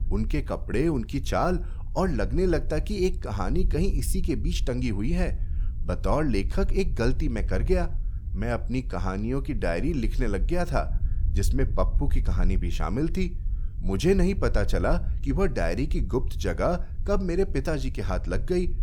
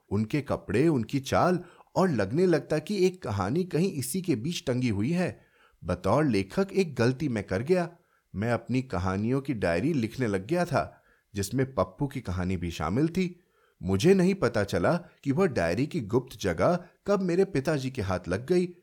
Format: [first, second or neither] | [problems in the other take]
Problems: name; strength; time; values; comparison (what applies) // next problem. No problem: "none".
second | low rumble; faint; throughout; 20 dB below the speech